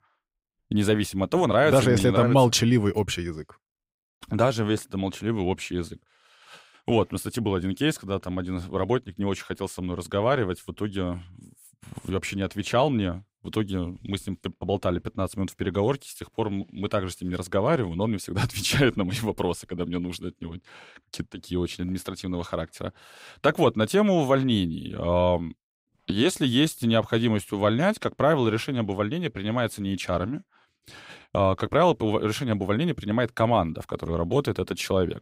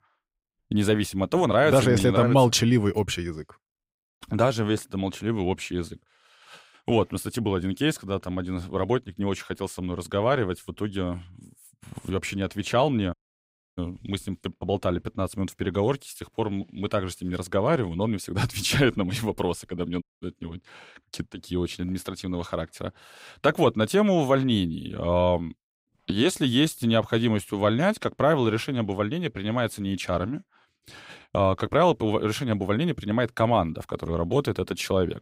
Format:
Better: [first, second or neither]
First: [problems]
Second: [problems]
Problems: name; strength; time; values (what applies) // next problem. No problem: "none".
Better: first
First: none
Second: audio cutting out; at 13 s for 0.5 s and at 20 s